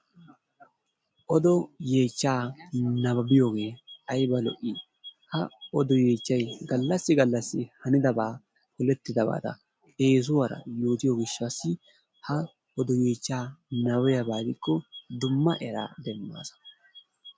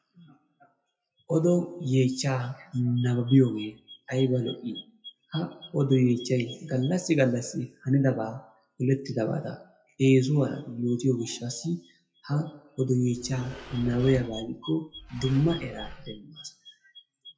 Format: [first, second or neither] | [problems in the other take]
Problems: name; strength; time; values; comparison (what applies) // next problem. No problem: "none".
first | noise reduction (classical method WPE with log-MMSE)